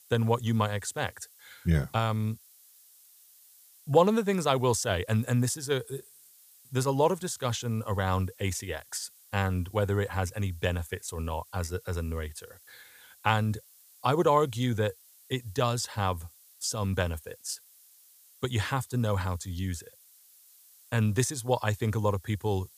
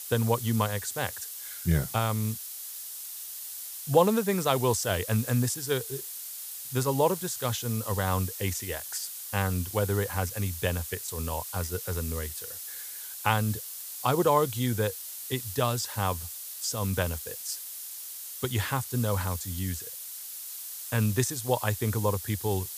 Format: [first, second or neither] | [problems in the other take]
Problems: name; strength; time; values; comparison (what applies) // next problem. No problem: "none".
first | hiss; loud; throughout; 7 dB below the speech; faint in the first